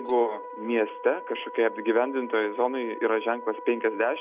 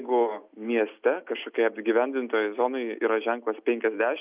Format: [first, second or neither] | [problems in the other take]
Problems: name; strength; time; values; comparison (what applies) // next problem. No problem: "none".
second | background sound (Wind instrument, woodwind instrument + Tambourine); 13 dB below the speech